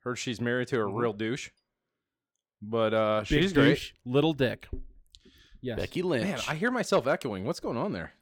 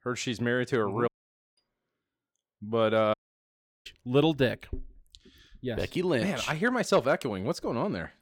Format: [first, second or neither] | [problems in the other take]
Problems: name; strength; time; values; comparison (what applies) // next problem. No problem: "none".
first | audio cutting out; at 1 s and at 3 s for 0.5 s